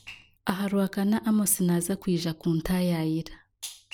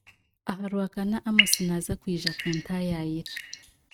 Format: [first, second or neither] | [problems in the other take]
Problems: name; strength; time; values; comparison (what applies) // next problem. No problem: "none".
first | noise reduction (neural mask model RNNoise)